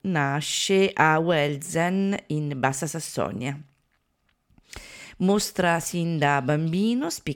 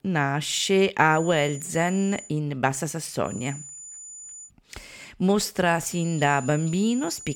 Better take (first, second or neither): first